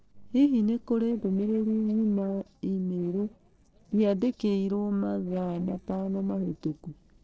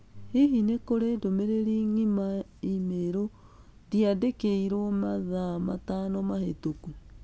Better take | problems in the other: second | noise reduction (neural separator model SepFormer DNS4)

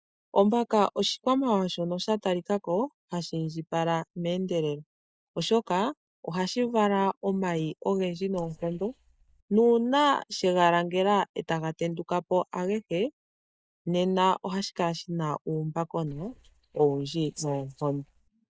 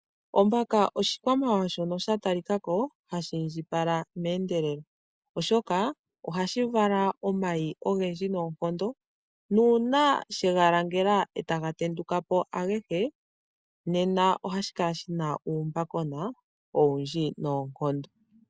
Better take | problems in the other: second | noise reduction (neural mask model DeepFilterNet 3)

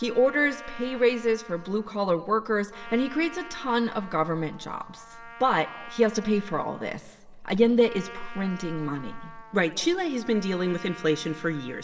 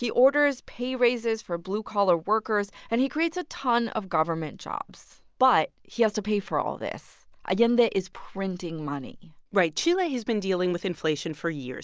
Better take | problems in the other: second | background sound (Trumpet); 18 dB below the speech // room echo; dies away in 2.1 s

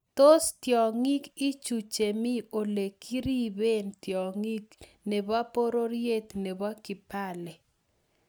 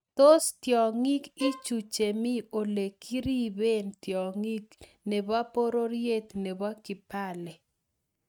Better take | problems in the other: first | noise reduction (neural mask model RNNoise)

